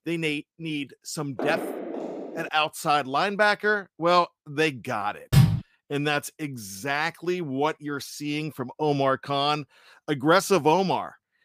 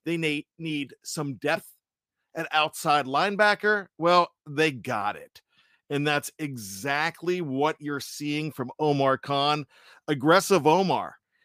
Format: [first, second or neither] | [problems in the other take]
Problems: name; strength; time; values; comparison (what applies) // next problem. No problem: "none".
second | footsteps; noticeable; from 1.5 to 2.5 s; peak 5 dB below the speech // door banging; loud; at 5.5 s; peak 6 dB above the speech